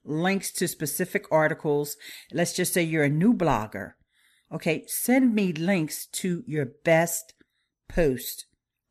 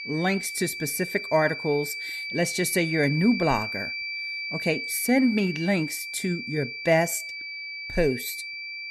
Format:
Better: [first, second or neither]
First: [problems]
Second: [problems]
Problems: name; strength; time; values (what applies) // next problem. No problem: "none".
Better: first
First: none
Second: high-pitched whine; loud; throughout; 2.5 kHz, 6 dB below the speech